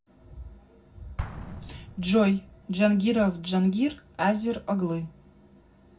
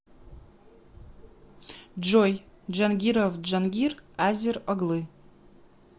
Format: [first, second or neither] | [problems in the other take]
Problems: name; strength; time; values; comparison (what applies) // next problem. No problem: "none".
second | background sound (Explosion); 17 dB below the speech // room echo; dies away in 0.4 s